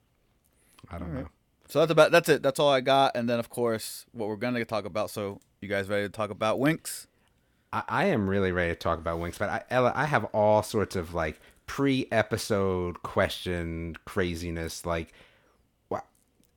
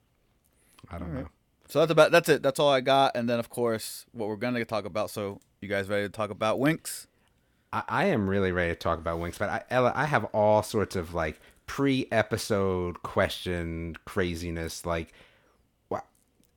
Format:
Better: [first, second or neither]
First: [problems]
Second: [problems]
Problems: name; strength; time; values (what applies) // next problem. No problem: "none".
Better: neither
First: none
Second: none